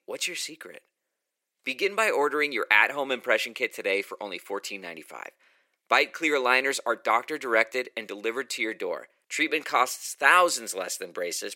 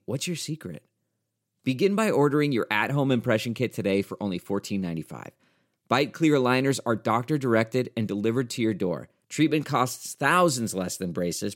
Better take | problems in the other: second | thin; very; fading below 450 Hz

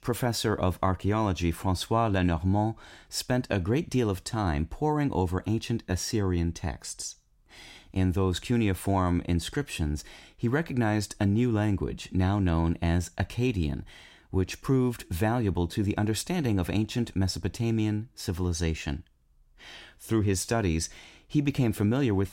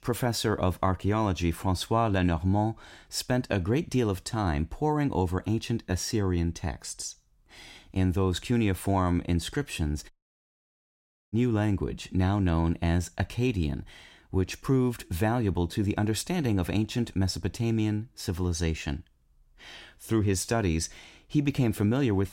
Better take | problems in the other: first | audio cutting out; at 10 s for 1 s

